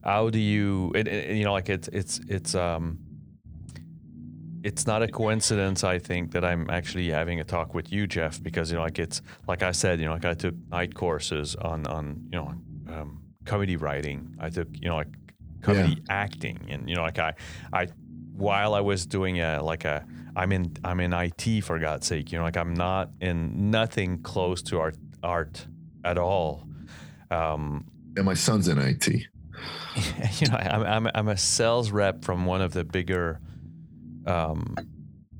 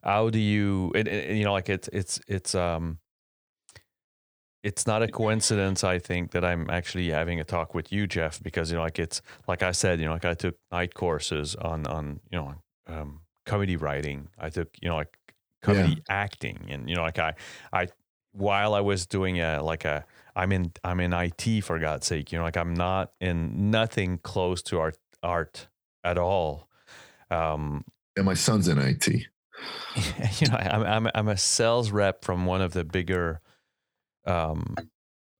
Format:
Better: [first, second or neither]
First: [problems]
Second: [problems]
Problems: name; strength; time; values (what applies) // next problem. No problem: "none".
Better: second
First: low rumble; faint; throughout; 25 dB below the speech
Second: none